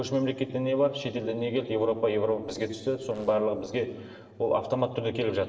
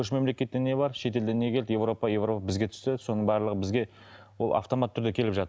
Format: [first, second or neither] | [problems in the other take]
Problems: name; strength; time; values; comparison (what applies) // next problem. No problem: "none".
second | noise reduction (neural separator model SepFormer DNS4)